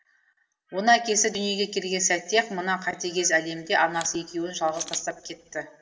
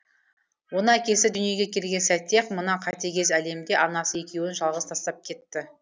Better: second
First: background sound (Camera); 19 dB below the speech // room echo; dies away in 0.7 s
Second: none

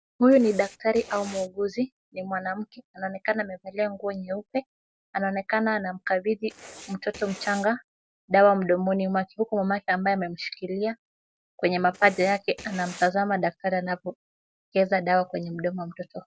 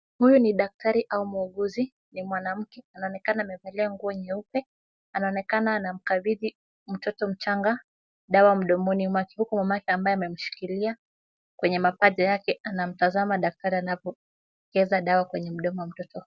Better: second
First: background sound (Writing); 18 dB below the speech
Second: none

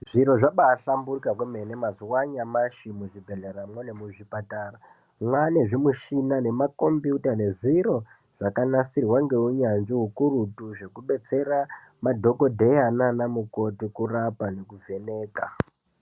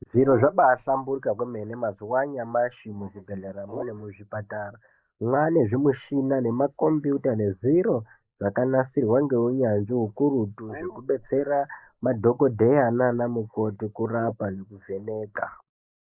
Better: first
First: none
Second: noise reduction (neural mask model Resemble Enhance denoiser)

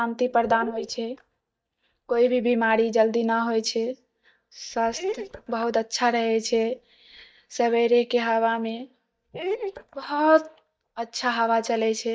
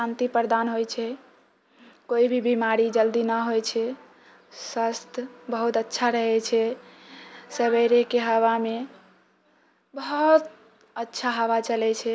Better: second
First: noise reduction (neural mask model DeepFilterNet 3)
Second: none

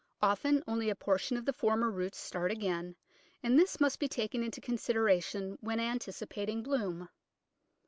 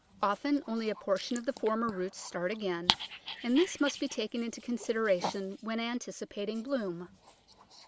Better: first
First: none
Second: background sound (Dog); 9 dB below the speech

